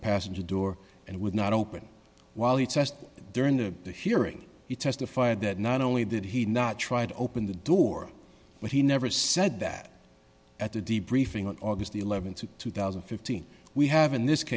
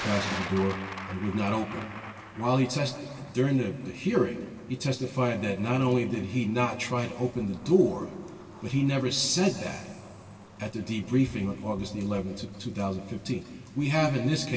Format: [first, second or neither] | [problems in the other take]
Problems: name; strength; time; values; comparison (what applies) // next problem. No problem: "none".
first | background sound (Thunder); 16 dB below the speech // room echo; dies away in 2.3 s